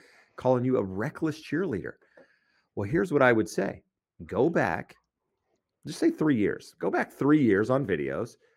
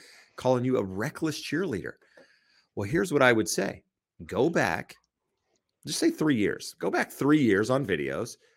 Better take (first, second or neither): second